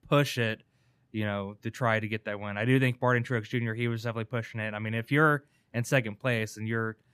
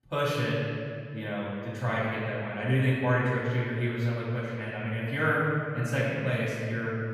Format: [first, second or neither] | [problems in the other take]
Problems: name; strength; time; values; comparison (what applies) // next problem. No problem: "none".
first | off-mic speech; far // room echo; strong; dies away in 2.2 s